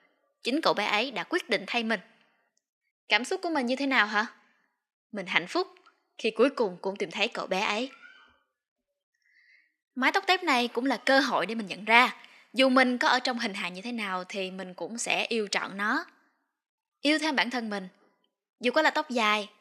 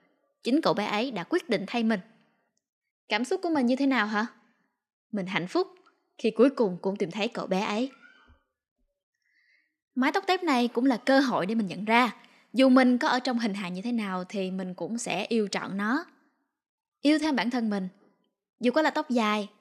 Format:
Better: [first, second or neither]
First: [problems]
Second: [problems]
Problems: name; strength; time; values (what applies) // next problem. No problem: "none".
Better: second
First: thin; very slightly; fading below 1 kHz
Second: none